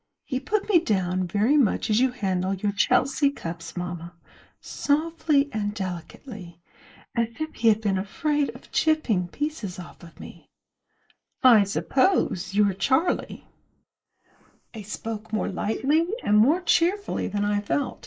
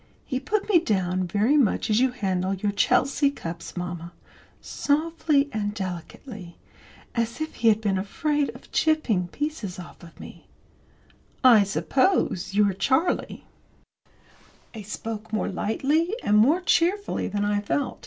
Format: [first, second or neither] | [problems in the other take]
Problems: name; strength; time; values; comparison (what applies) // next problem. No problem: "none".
second | noise reduction (neural mask model Resemble Enhance denoiser)